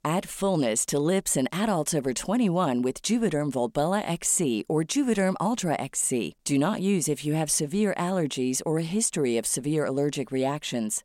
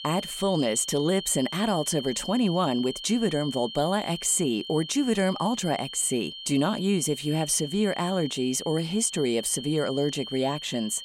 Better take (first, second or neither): first